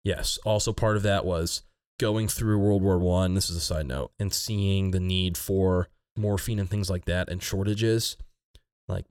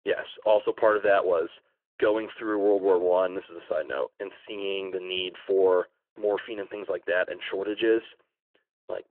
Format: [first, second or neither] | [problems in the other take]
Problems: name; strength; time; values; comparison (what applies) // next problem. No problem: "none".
first | phone-call audio